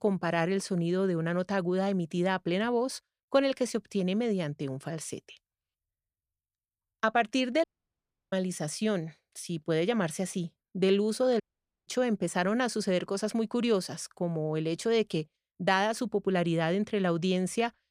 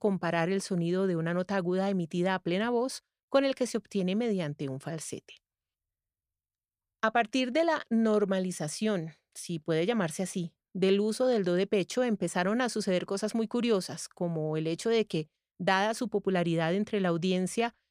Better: second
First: audio cutting out; at 7.5 s for 0.5 s and at 11 s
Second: none

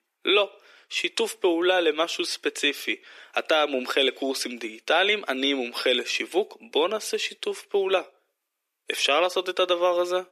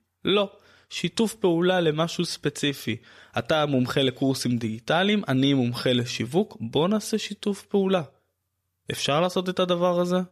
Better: second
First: thin; somewhat; fading below 300 Hz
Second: none

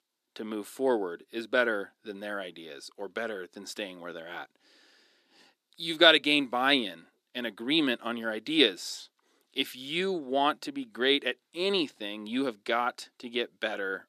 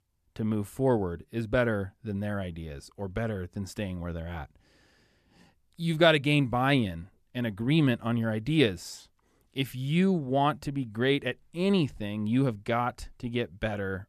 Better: second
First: thin; somewhat; fading below 300 Hz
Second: none

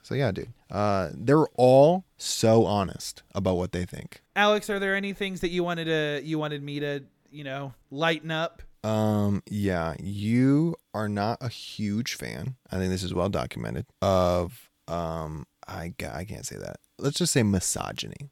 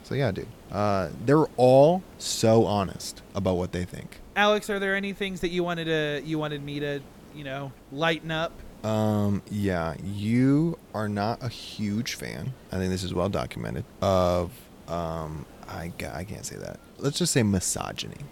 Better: first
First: none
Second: hiss; faint; throughout; 25 dB below the speech

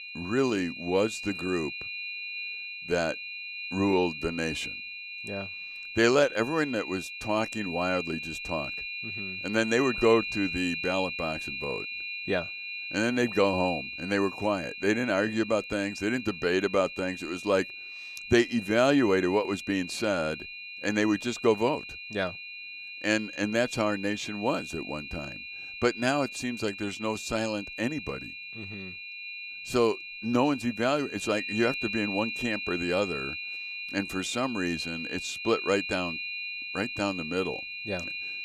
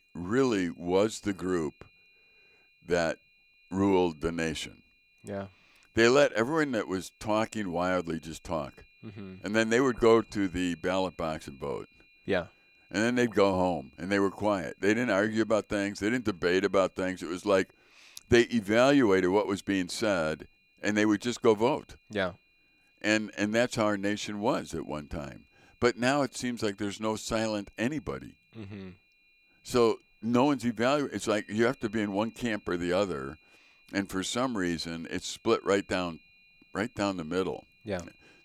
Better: second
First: high-pitched whine; loud; throughout; 2.5 kHz, 7 dB below the speech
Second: high-pitched whine; faint; throughout; 2.5 kHz, 30 dB below the speech

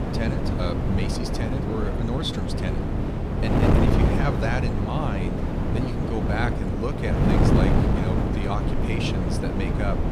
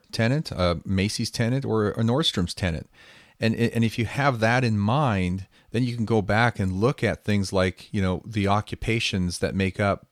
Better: second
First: wind noise on the microphone; heavy; 2 dB above the speech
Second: none

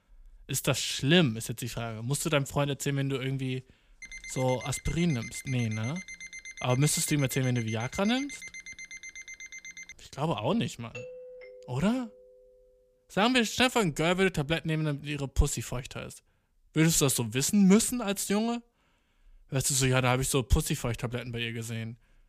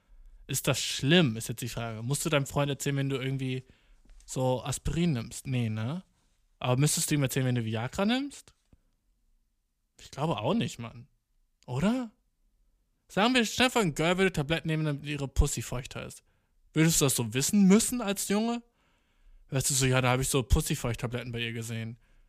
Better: second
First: alarm; faint; from 4 to 10 s; peak 10 dB below the speech // doorbell; faint; from 11 to 12 s; peak 15 dB below the speech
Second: none

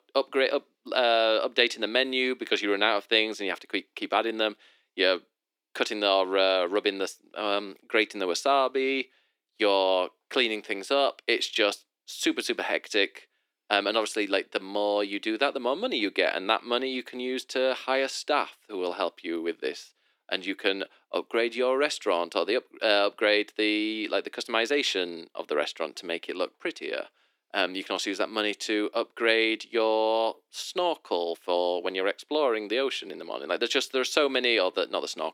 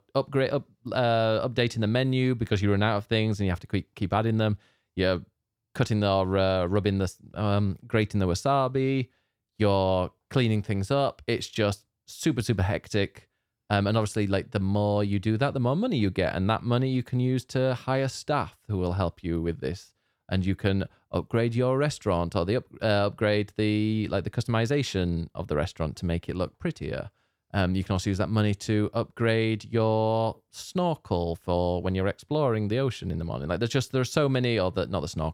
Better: second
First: thin; somewhat; fading below 300 Hz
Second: none

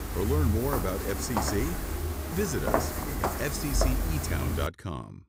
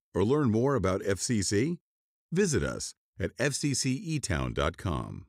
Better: second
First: footsteps; loud; until 4.5 s; peak 5 dB above the speech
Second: none

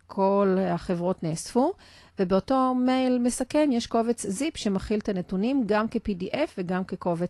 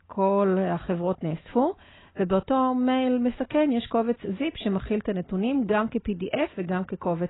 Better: first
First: garbled, watery; slightly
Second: garbled, watery; badly; nothing above 4 kHz

